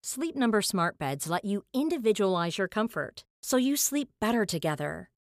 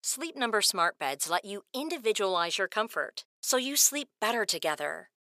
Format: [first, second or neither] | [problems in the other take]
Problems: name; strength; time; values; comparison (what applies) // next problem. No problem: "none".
first | thin; somewhat; fading below 550 Hz